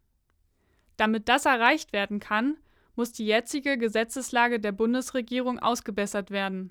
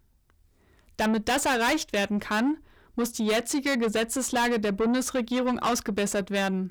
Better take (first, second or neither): first